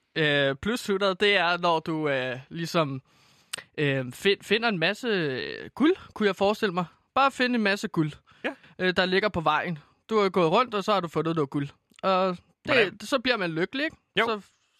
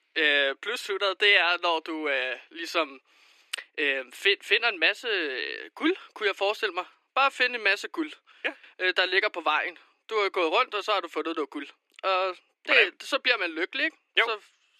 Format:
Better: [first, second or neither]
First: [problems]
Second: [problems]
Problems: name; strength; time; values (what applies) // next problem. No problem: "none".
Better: first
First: none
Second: thin; very; fading below 300 Hz